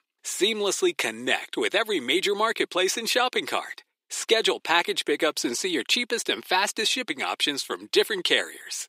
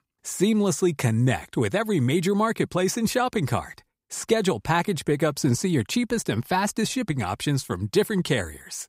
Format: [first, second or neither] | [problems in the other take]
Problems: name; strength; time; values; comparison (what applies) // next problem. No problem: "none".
second | thin; somewhat; fading below 350 Hz